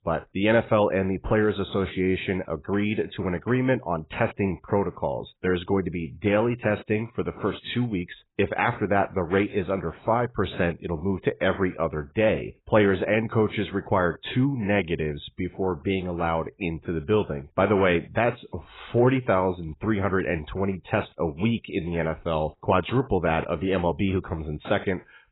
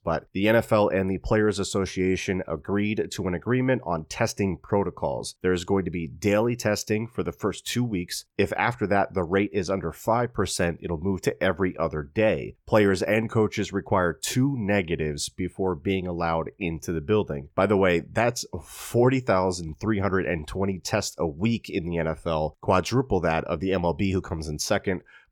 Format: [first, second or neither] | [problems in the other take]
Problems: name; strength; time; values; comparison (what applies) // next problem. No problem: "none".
second | garbled, watery; badly; nothing above 4 kHz